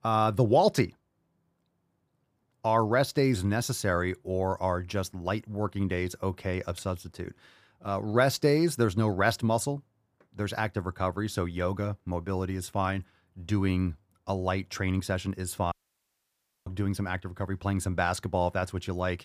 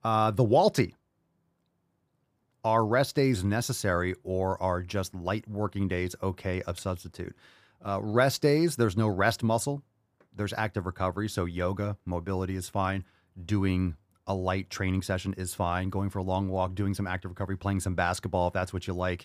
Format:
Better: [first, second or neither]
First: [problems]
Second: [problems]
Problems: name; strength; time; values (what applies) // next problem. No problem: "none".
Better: second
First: audio cutting out; at 16 s for 1 s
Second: none